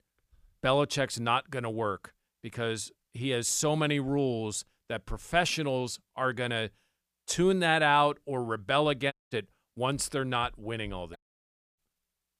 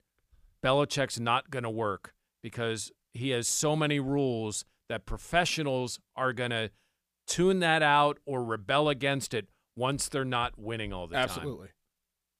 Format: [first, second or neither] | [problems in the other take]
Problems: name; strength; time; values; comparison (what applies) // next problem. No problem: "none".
second | audio cutting out; at 9 s and at 11 s for 0.5 s